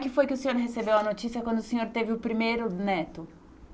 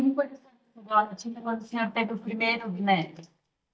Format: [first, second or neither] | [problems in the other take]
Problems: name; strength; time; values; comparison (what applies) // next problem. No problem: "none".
first | noise reduction (neural mask model DeepFilterNet 3)